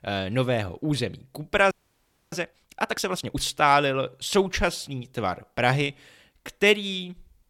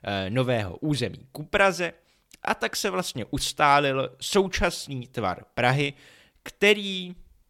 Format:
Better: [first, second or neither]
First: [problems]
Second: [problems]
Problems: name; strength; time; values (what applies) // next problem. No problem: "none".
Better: second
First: audio freezing; at 1.5 s for 0.5 s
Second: none